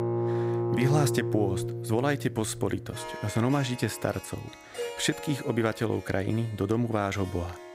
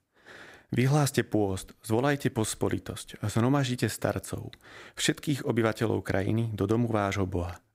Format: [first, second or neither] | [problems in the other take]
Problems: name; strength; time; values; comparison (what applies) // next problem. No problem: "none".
second | background music; loud; throughout; 4 dB below the speech